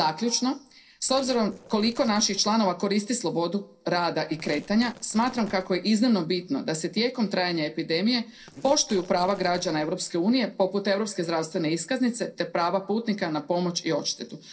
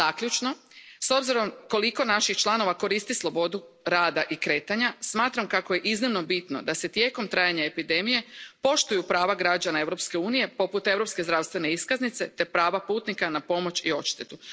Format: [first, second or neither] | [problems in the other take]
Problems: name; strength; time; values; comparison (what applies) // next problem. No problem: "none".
second | noise reduction (neural separator model SepFormer DNS4)